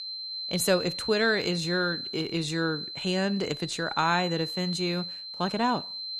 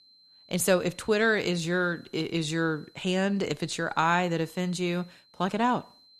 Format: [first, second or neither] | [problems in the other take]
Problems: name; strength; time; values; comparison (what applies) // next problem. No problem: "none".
second | high-pitched whine; loud; throughout; 4 kHz, 5 dB below the speech; faint in the second